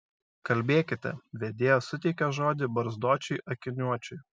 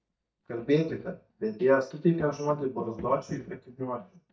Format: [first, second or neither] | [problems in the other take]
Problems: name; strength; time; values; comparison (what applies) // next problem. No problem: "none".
first | noise reduction (neural mask model DeepFilterNet 3)